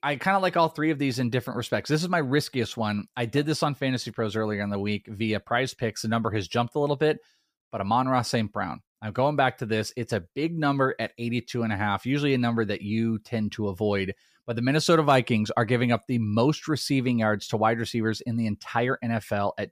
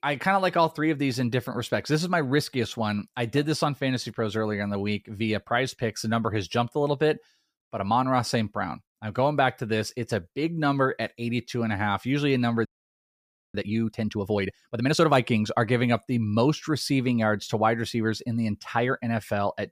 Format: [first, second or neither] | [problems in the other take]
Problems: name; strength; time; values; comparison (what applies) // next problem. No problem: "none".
first | audio freezing; at 13 s for 1 s